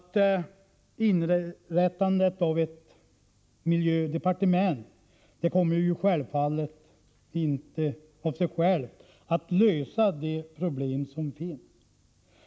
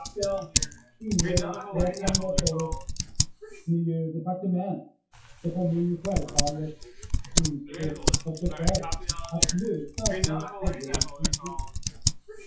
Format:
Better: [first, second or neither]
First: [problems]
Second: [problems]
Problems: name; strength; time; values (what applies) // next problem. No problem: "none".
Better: first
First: none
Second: noise reduction (classical method WPE with log-MMSE)